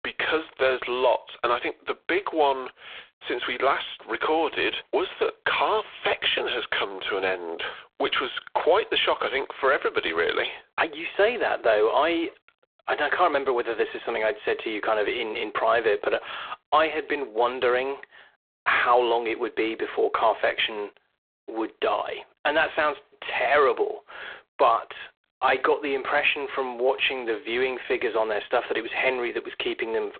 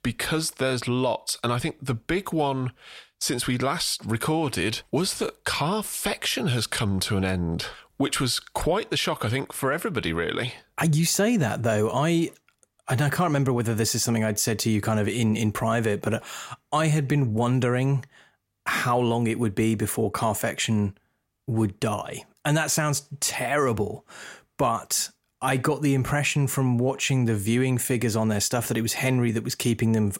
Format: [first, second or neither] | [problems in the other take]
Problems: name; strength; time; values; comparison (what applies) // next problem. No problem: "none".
second | phone-call audio; poor line